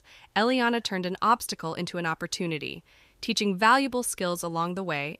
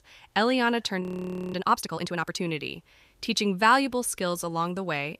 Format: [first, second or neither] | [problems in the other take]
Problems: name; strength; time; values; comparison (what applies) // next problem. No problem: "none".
first | audio freezing; at 1 s for 0.5 s